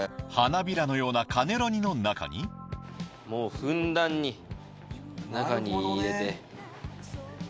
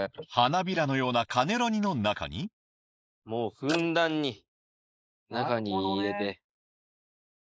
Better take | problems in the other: first | noise reduction (neural mask model Resemble Enhance denoiser)

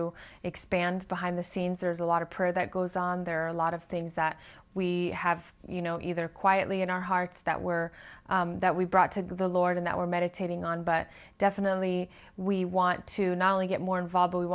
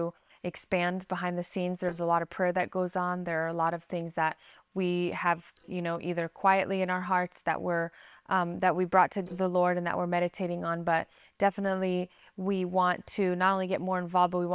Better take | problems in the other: first | noise reduction (neural separator model SepFormer WHAM!)

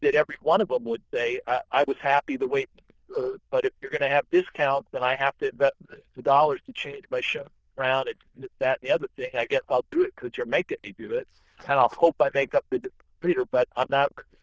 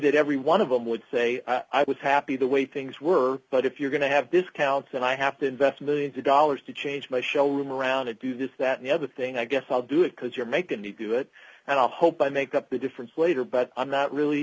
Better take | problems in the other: second | noise reduction (neural diffusion model UNIVERSE++)

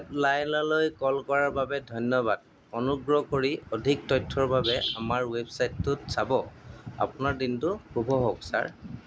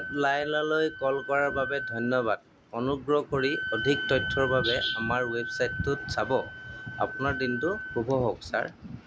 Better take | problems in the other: first | background sound (Wind instrument, woodwind instrument); 7 dB below the speech

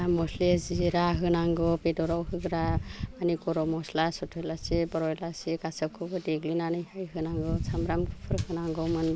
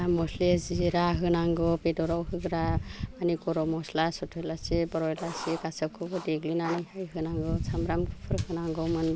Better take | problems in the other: first | background sound (Writing); 14 dB below the speech

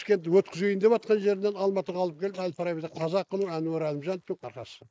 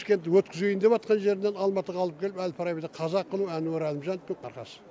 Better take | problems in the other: second | noise reduction (neural mask model Resemble Enhance denoiser)

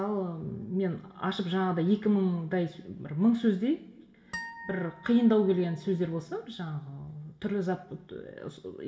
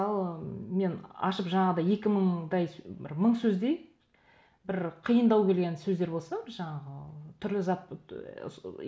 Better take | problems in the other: second | background sound (Harp); 15 dB below the speech // room echo; dies away in 1.1 s

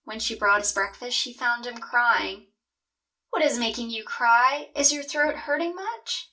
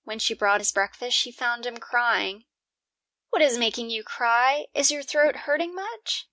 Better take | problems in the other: second | room echo; dies away in 0.2 s

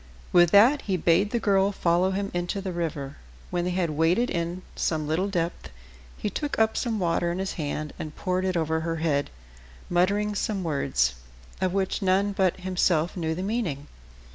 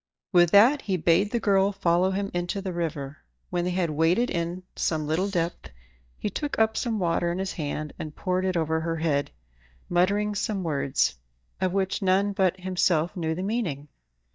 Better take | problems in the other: first | noise reduction (neural mask model DeepFilterNet 3)

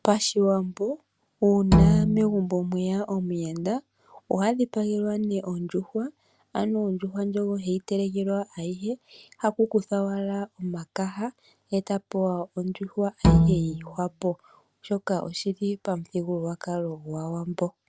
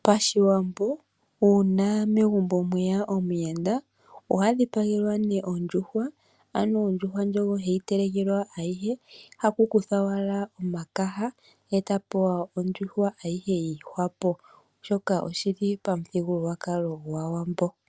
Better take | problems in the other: second | background sound (Bowed string instrument); 5 dB above the speech

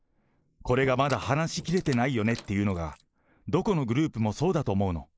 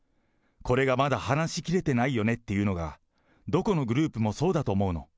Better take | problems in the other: second | noise reduction (neural mask model Resemble Enhance denoiser)

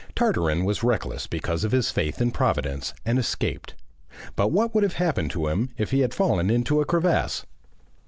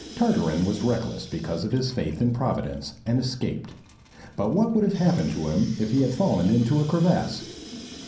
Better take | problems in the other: first | background sound (Sink (filling or washing) / Water tap, faucet); 18 dB below the speech // room echo; dies away in 0.6 s

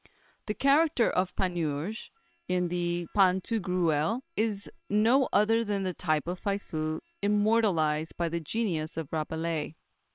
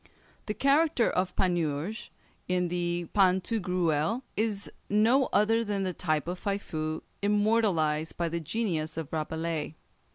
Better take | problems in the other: second | noise reduction (neural separator model SepFormer WHAM!)

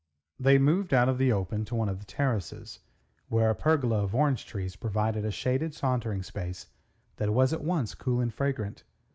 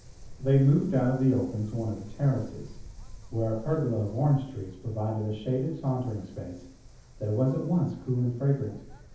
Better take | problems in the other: first | background sound (Wind); 17 dB below the speech // room echo; dies away in 0.7 s

